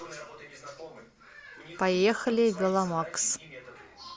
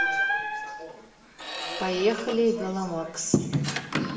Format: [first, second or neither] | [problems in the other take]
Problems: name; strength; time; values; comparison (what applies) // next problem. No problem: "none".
first | background sound (Squeak); as loud as the speech // room echo; dies away in 0.8 s